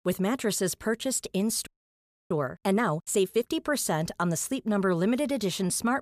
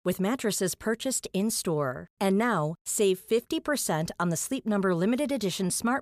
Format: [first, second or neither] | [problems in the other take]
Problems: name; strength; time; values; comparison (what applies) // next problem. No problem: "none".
second | audio freezing; at 1.5 s for 0.5 s